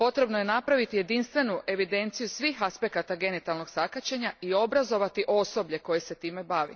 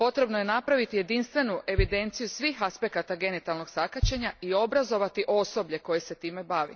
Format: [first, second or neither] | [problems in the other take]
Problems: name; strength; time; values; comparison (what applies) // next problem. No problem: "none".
first | background sound (Bass drum); 8 dB below the speech